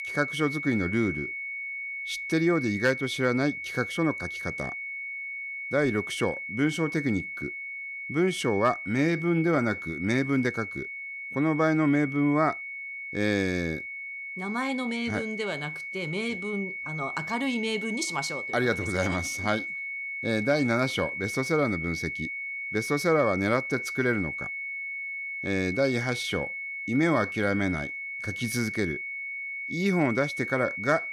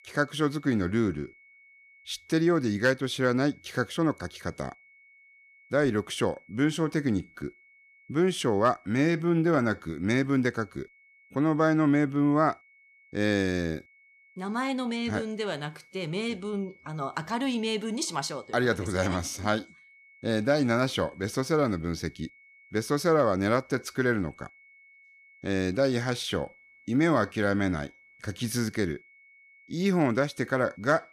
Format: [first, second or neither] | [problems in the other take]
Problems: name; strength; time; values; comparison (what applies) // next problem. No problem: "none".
second | high-pitched whine; loud; throughout; 2 kHz, 5 dB below the speech; faint in the second